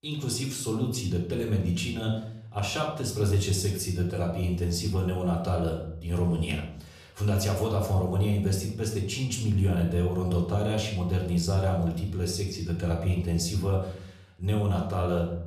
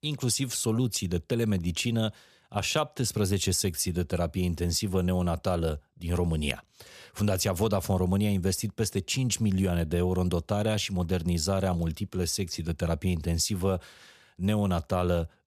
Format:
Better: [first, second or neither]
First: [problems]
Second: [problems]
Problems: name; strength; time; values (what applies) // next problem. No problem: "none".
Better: second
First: off-mic speech; far // room echo; noticeable; dies away in 0.6 s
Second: none